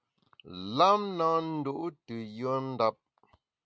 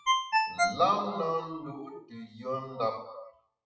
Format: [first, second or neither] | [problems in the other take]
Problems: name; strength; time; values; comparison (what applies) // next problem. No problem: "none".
first | noise reduction (classical method WPE with log-MMSE)